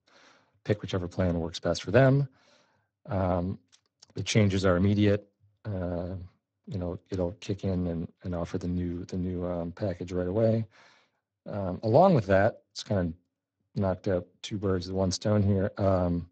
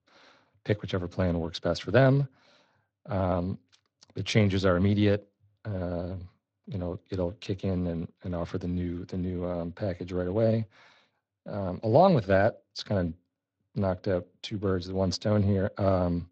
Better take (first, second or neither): second